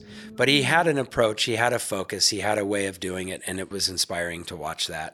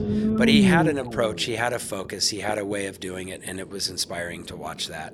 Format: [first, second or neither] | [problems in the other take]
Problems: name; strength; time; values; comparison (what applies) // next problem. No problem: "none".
first | low rumble; loud; throughout; 2 dB below the speech; faint in the first